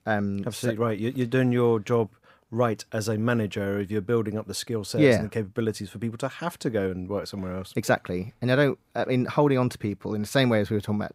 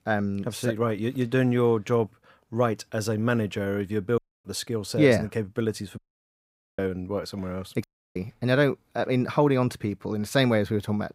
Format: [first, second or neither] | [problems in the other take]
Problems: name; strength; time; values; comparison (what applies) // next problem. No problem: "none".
first | audio cutting out; at 4 s, at 6 s for 1 s and at 8 s